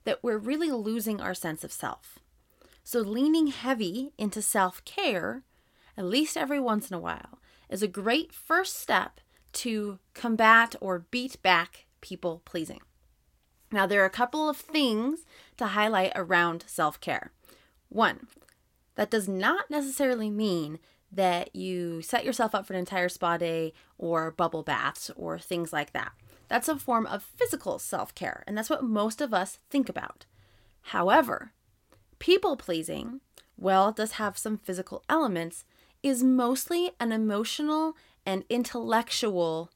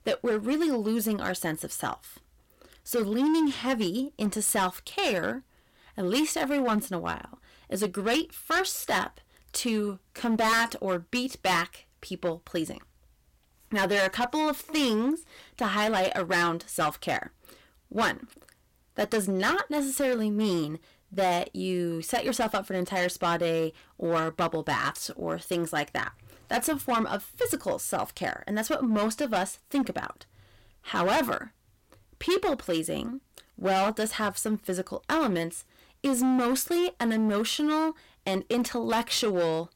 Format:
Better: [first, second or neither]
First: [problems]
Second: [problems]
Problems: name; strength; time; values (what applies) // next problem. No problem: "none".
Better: first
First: none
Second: distortion; heavy; 9% of the sound clipped